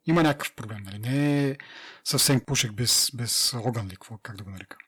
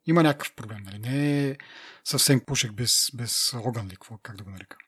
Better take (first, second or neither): second